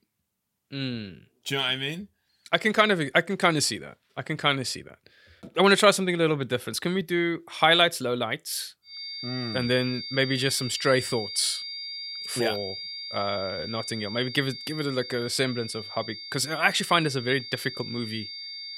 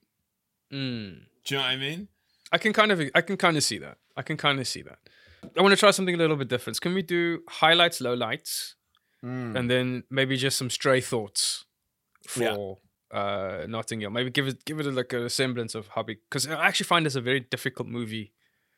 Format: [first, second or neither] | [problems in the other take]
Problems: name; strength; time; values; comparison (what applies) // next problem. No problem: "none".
second | high-pitched whine; loud; from 9 s on; 4.5 kHz, 9 dB below the speech